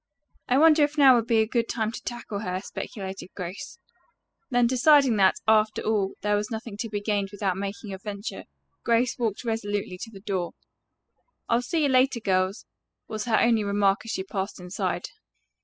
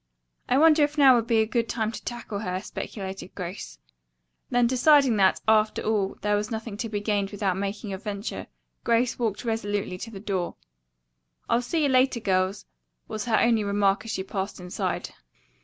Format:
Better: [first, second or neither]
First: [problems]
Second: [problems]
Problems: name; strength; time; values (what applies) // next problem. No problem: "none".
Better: second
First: noise reduction (classical method spectral subtraction)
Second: none